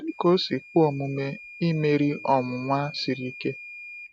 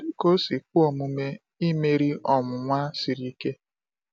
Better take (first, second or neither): second